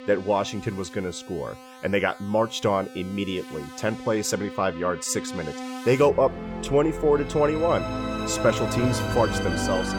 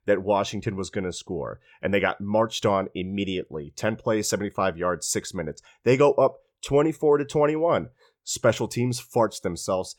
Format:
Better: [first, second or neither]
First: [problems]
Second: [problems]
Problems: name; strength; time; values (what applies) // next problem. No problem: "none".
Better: second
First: background music; loud; throughout; 7 dB below the speech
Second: none